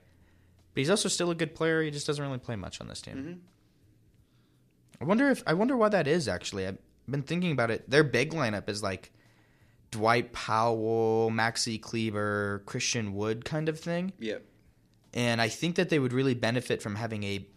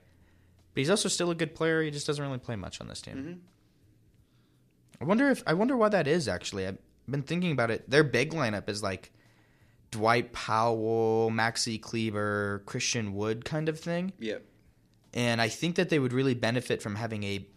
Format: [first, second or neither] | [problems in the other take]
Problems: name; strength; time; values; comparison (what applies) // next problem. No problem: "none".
neither | none